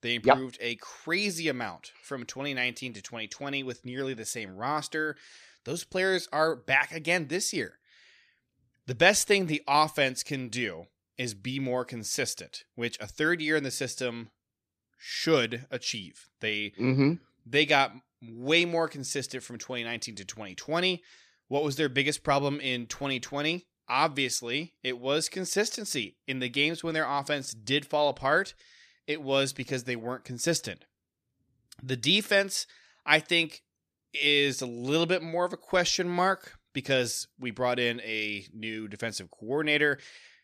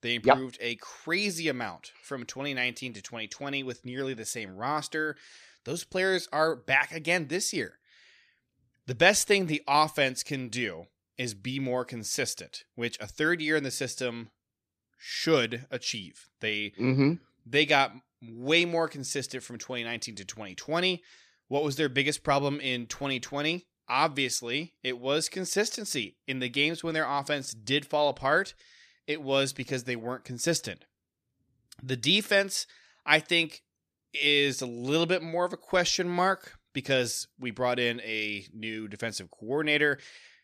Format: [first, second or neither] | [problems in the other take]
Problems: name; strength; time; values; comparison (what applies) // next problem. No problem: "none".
neither | none